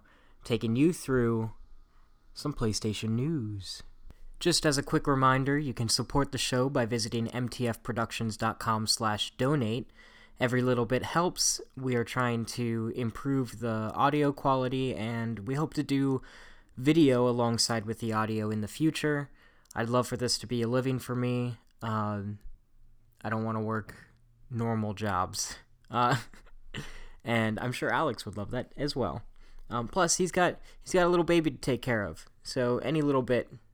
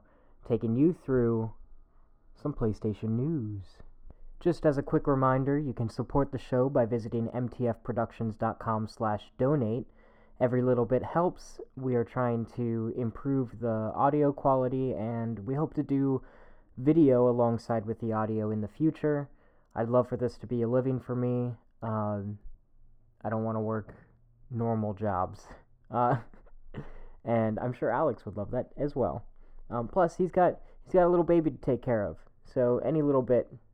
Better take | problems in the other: first | muffled; very; fading above 2 kHz

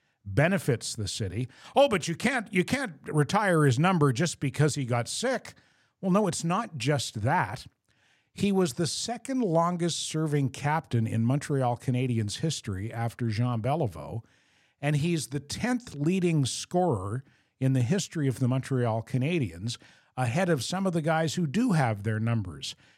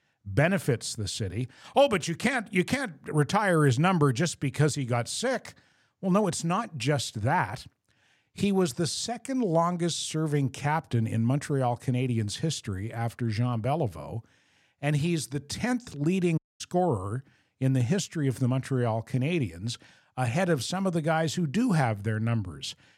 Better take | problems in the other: first | audio cutting out; at 16 s

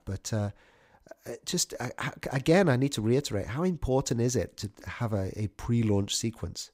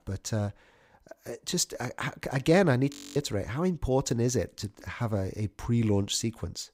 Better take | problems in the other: first | audio freezing; at 3 s

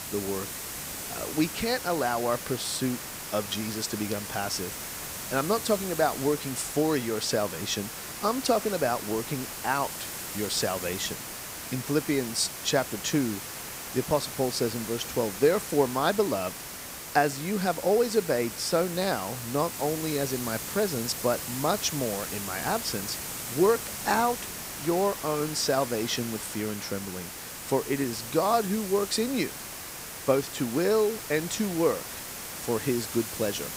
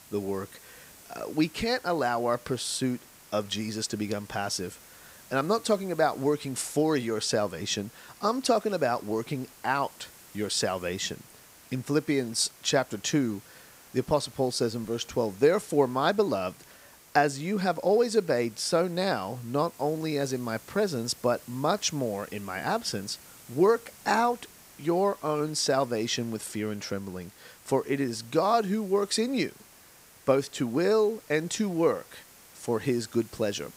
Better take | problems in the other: second | hiss; loud; throughout; 7 dB below the speech; faint in the second

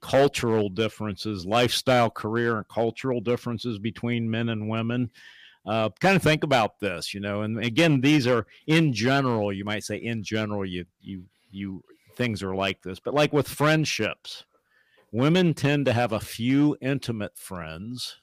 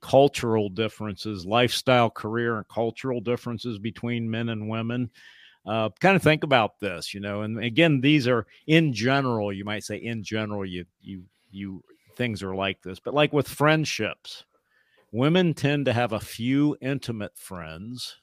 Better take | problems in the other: second | distortion; slight; 2% of the sound clipped

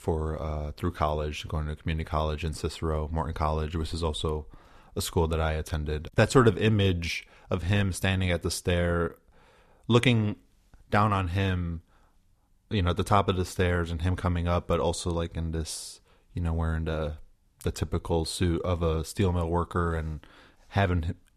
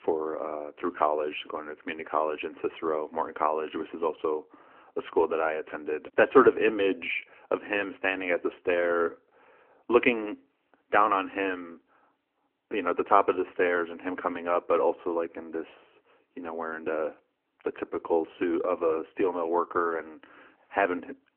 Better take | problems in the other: first | phone-call audio

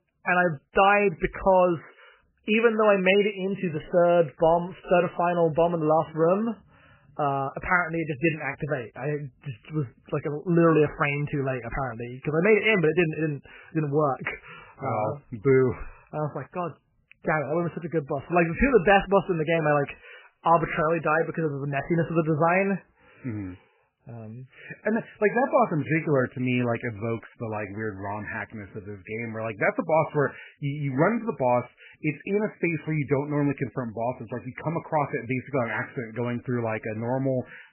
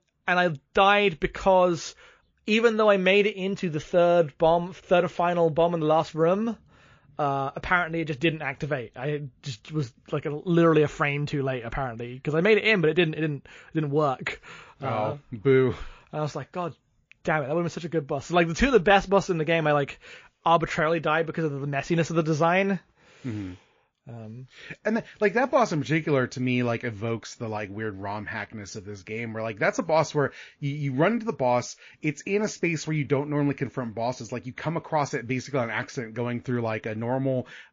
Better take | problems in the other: second | garbled, watery; badly; nothing above 3 kHz; slightly in the second

